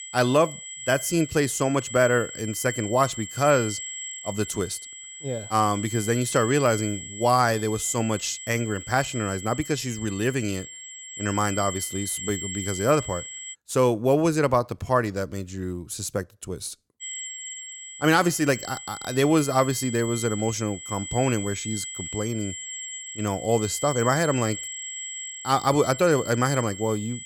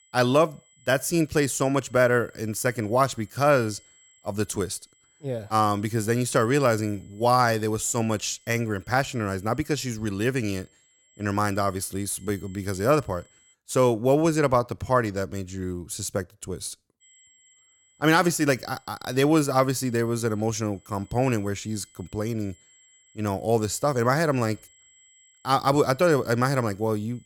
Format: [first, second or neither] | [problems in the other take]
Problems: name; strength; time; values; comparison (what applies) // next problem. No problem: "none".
second | high-pitched whine; loud; until 14 s and from 17 s on; 7.5 kHz, 9 dB below the speech; faint in the second